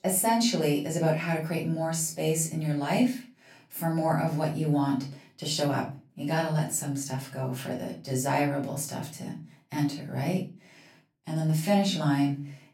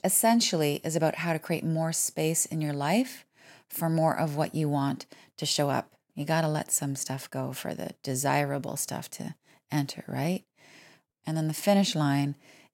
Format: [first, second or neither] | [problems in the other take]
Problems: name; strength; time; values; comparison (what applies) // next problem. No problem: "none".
second | off-mic speech; far // room echo; slight; dies away in 0.3 s